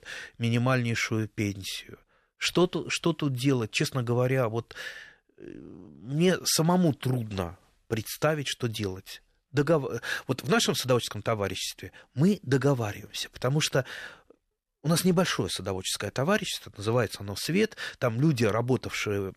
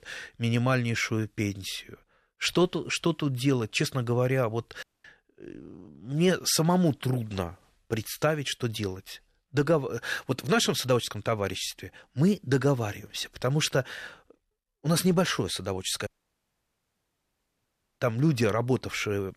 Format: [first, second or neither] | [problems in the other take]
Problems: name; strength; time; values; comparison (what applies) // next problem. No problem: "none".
first | audio cutting out; at 5 s and at 16 s for 2 s